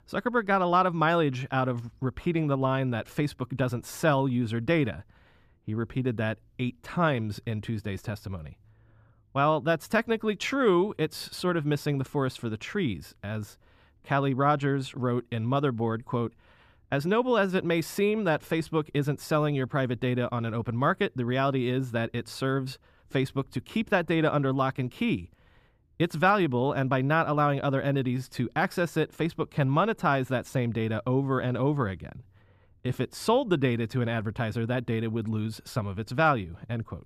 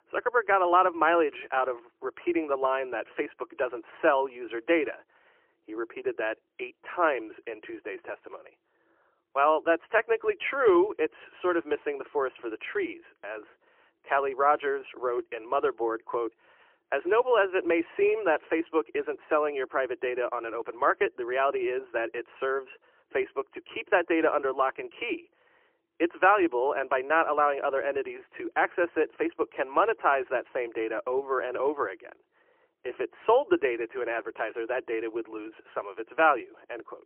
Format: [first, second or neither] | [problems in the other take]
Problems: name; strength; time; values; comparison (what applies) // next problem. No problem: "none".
first | phone-call audio; poor line; nothing above 3 kHz